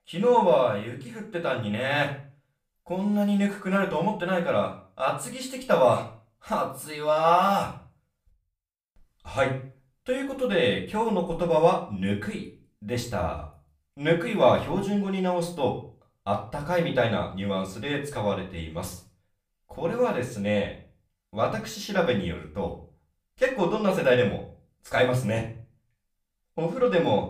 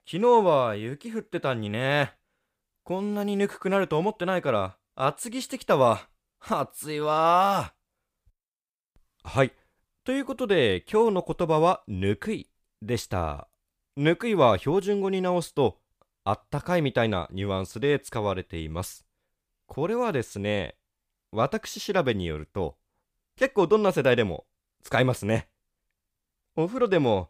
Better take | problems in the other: second | room echo; slight; dies away in 0.3 s // off-mic speech; far

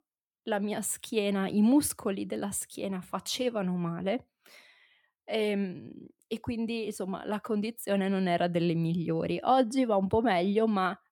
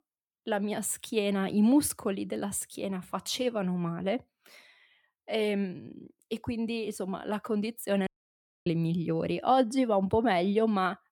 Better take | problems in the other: first | audio cutting out; at 8 s for 0.5 s

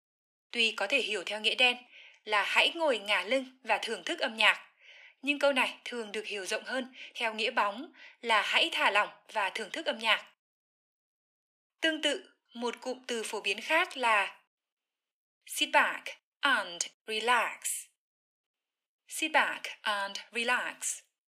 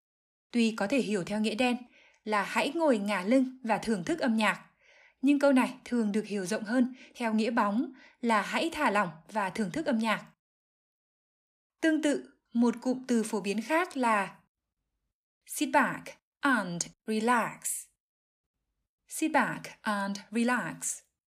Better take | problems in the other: second | thin; somewhat; fading below 400 Hz

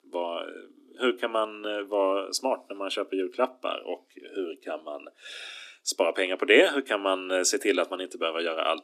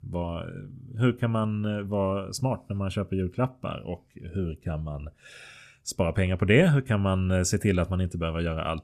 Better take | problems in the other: second | thin; very; fading below 300 Hz

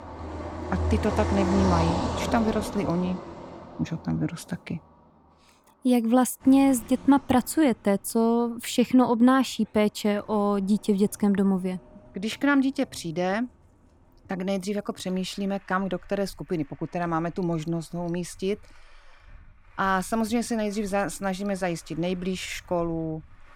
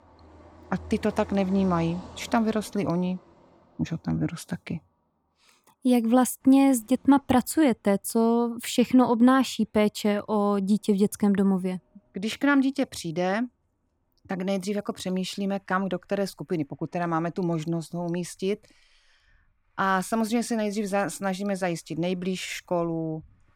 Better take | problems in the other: second | traffic noise; loud; throughout; 5 dB below the speech; faint in the second

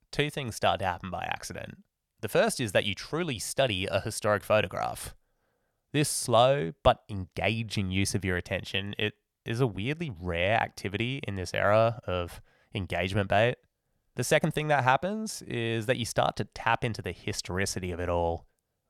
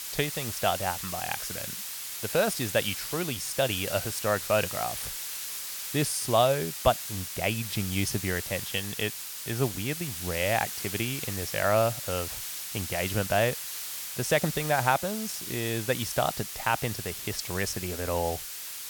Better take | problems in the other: first | hiss; loud; throughout; 5 dB below the speech

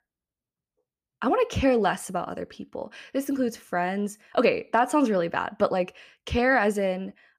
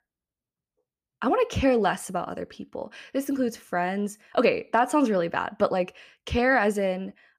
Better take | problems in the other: neither | none

